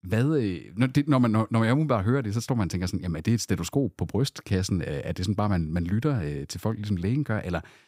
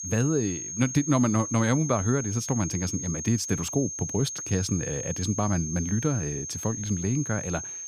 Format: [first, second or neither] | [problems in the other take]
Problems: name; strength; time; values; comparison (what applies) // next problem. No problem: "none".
first | high-pitched whine; loud; throughout; 6.5 kHz, 5 dB below the speech